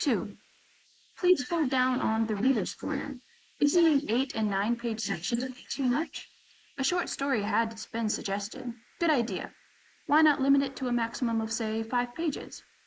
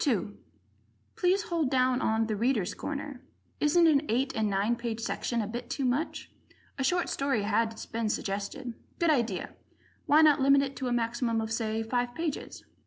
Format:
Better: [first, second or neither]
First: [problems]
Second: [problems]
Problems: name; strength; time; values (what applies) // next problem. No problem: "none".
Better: second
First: noise reduction (neural mask model Resemble Enhance denoiser)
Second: none